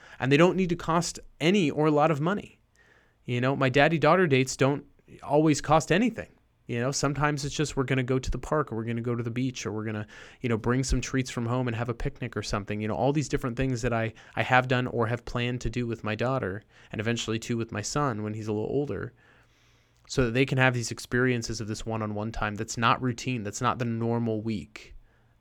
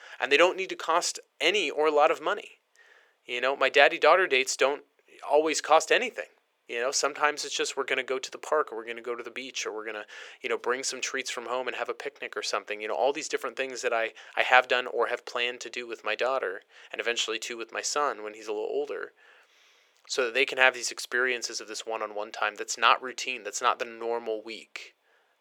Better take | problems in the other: first | thin; very; fading below 450 Hz

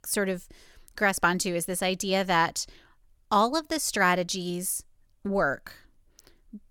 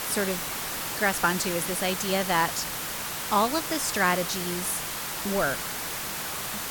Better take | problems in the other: first | hiss; loud; throughout; 3 dB below the speech

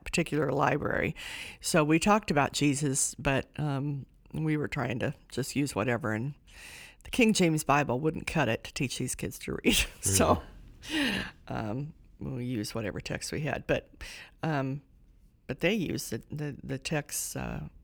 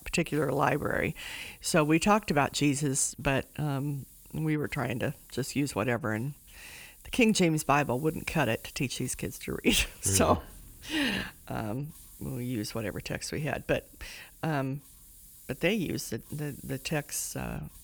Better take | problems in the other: first | hiss; faint; throughout; 20 dB below the speech

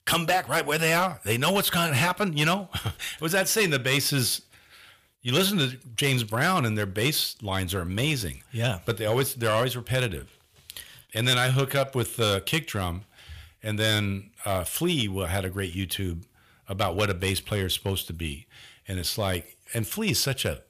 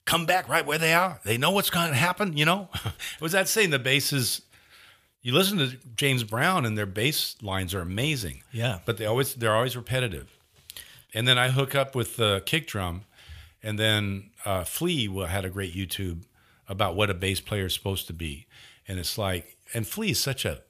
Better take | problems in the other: second | distortion; slight; 4% of the sound clipped

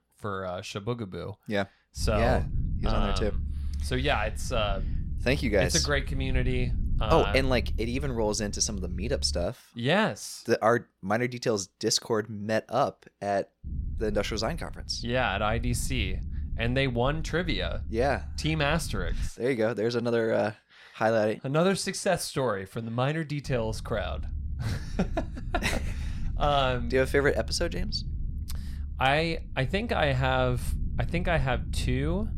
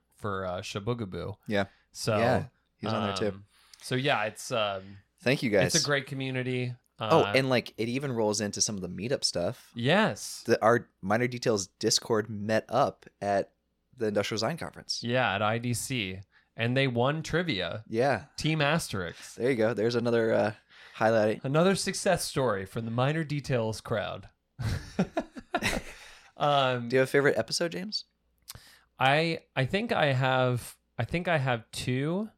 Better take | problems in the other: second | low rumble; faint; from 2 to 9.5 s, from 14 to 19 s and from 23 s on; 25 dB below the speech

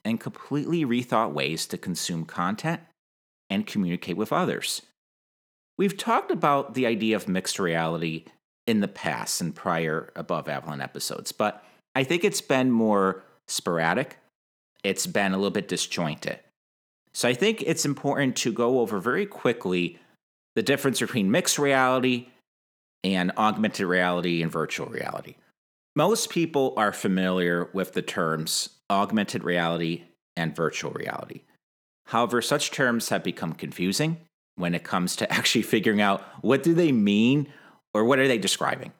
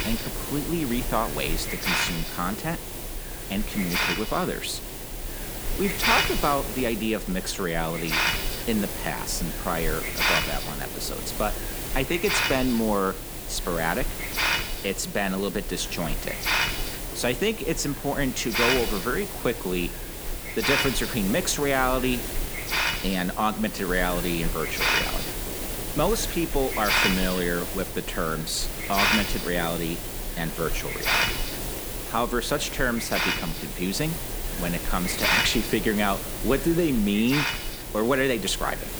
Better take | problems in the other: first | hiss; loud; throughout; 1 dB below the speech

